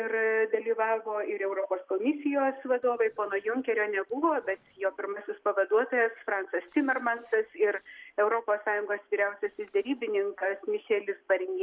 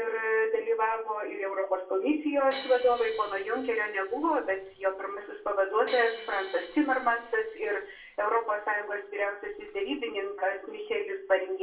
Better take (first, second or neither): first